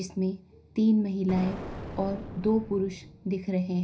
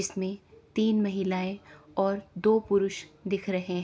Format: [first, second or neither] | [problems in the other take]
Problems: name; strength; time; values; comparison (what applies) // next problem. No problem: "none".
second | background sound (Explosion); 11 dB below the speech // room echo; dies away in 0.4 s